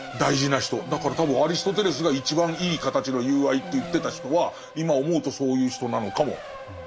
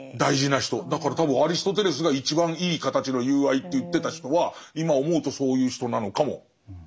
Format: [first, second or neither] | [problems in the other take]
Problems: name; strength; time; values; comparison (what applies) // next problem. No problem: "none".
second | background sound (Race car, auto racing); 14 dB below the speech